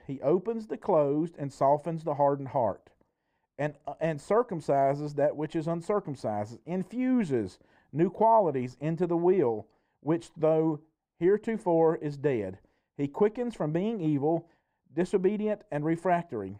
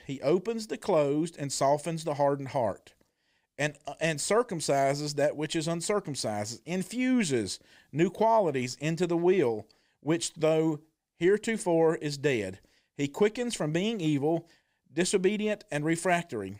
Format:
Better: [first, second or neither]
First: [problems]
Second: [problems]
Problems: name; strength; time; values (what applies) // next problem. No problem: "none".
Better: second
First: muffled; very; fading above 2 kHz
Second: none